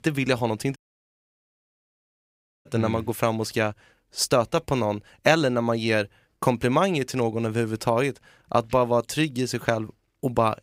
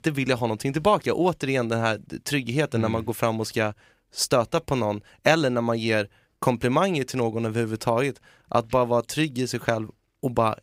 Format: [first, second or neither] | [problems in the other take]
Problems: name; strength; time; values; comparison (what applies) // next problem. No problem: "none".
second | audio cutting out; at 1 s for 2 s